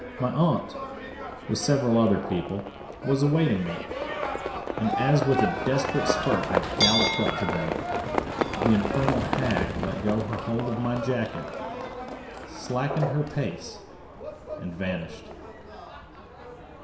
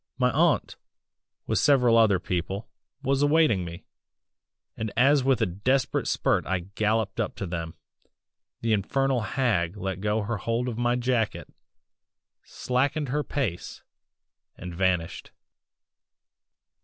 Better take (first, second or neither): second